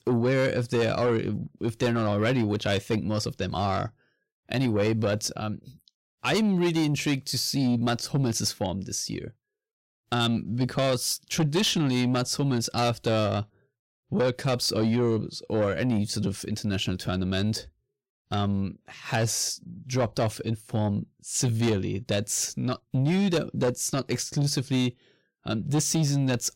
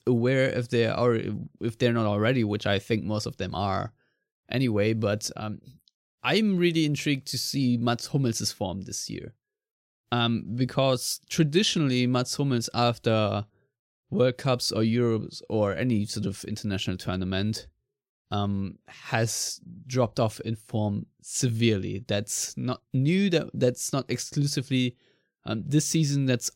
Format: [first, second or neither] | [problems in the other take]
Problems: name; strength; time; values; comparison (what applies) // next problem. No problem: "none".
second | distortion; slight; 10 dB below the speech